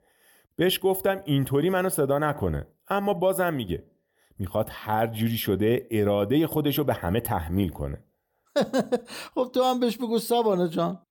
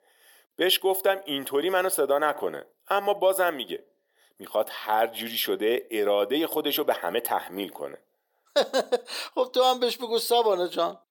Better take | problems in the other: first | thin; somewhat; fading below 400 Hz

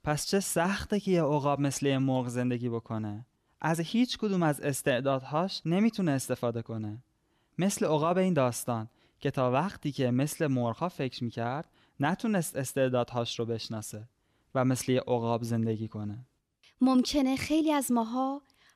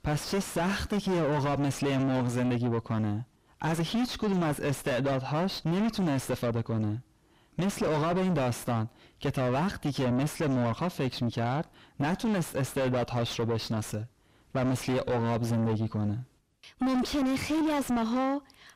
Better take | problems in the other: first | distortion; heavy; 5 dB below the speech

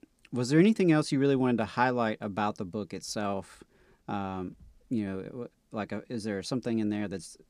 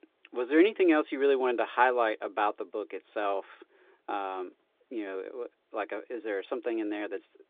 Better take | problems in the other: first | phone-call audio

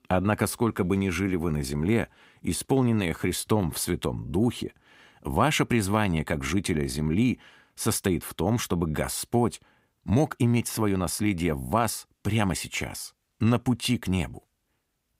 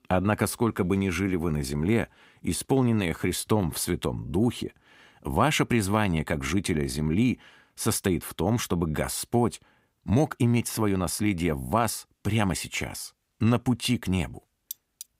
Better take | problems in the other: first | clattering dishes; faint; at 15 s; peak 15 dB below the speech

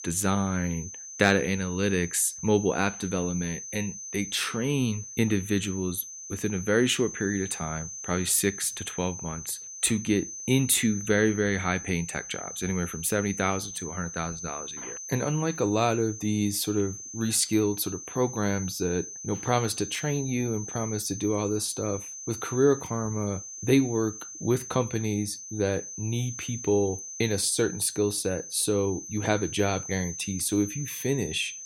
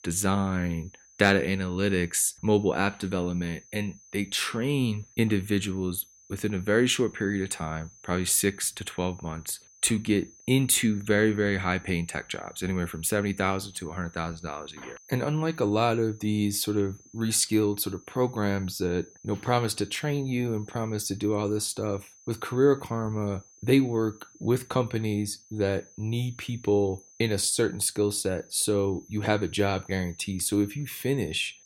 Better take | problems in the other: second | high-pitched whine; loud; throughout; 6 kHz, 9 dB below the speech; faint in the second

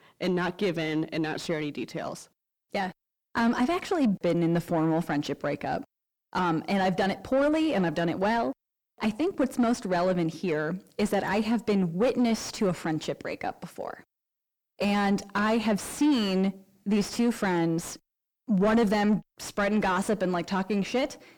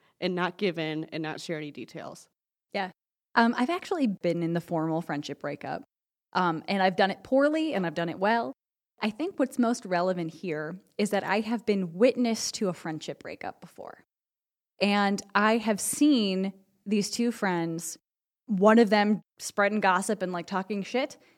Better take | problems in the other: second | distortion; heavy; 6 dB below the speech

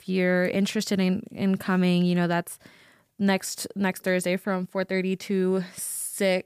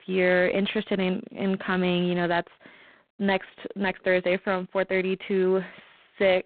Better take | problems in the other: first | phone-call audio; poor line; nothing above 4 kHz

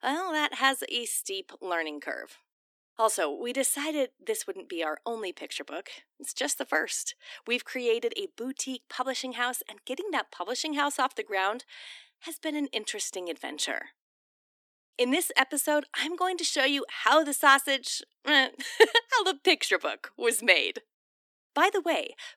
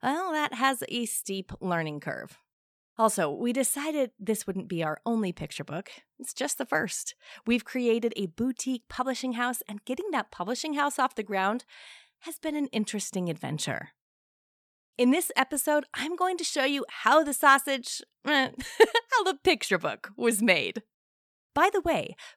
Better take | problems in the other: second | thin; very slightly; fading below 300 Hz

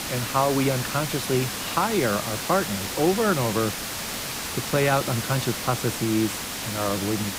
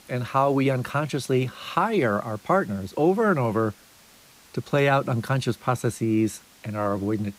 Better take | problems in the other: second | hiss; loud; throughout; 4 dB below the speech; faint in the second

